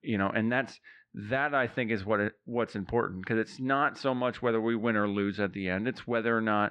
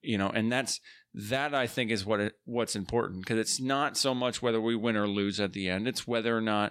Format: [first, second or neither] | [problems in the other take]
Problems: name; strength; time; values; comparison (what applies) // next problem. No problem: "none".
second | muffled; very; fading above 2 kHz